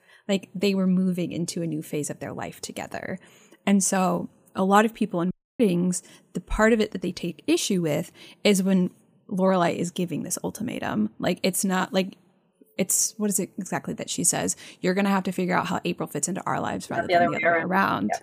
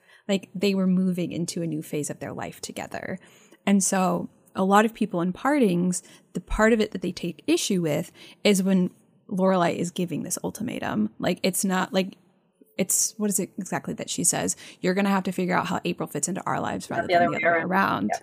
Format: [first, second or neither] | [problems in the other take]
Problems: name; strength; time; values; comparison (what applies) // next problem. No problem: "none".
second | audio cutting out; at 5.5 s